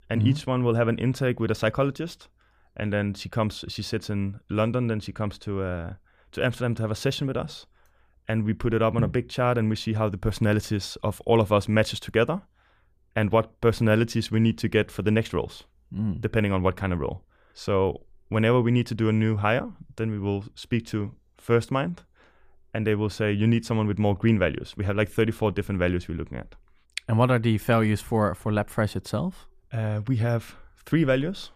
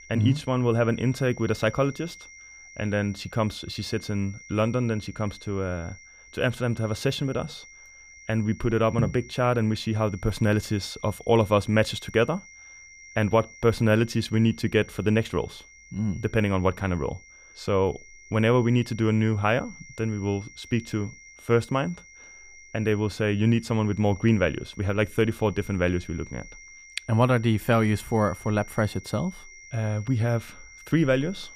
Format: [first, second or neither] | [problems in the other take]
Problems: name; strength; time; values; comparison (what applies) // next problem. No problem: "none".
first | high-pitched whine; faint; throughout; 2 kHz, 20 dB below the speech